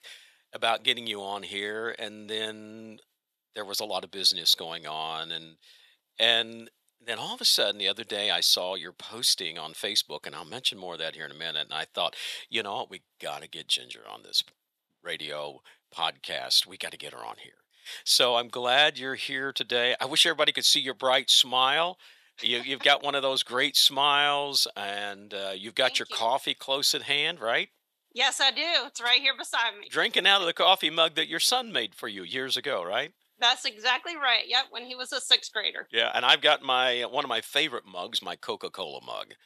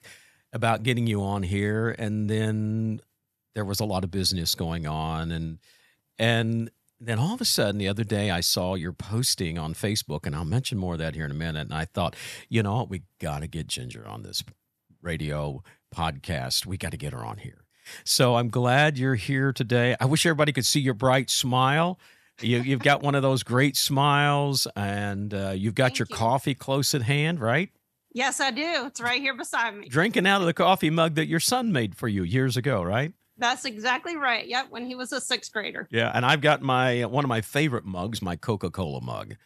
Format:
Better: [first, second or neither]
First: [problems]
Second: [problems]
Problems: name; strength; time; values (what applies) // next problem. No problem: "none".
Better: second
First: thin; very; fading below 550 Hz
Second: none